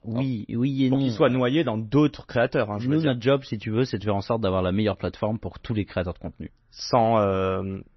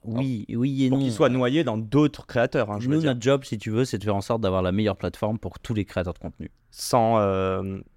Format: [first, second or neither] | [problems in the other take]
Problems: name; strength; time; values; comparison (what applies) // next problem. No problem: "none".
second | garbled, watery; slightly; nothing above 6 kHz